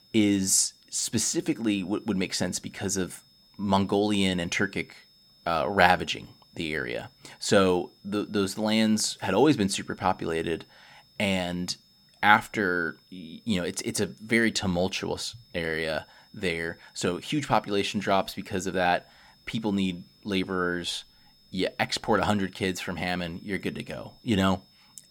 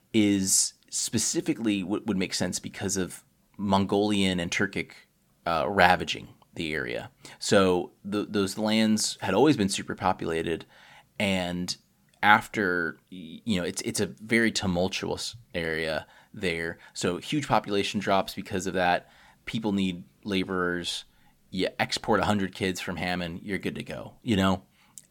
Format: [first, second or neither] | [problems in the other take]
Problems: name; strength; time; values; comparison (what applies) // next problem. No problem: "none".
second | high-pitched whine; faint; throughout; 5 kHz, 30 dB below the speech